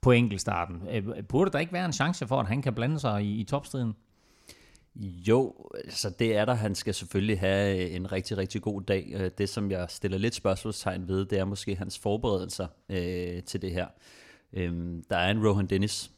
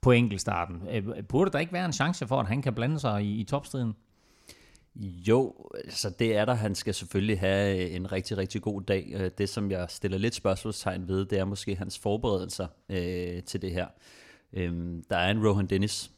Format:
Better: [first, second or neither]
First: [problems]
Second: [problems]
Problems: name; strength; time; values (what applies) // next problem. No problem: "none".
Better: neither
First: none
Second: none